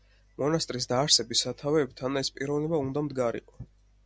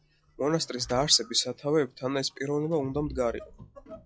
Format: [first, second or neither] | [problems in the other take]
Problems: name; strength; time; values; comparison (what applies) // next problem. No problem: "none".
first | noise reduction (classical method log-MMSE)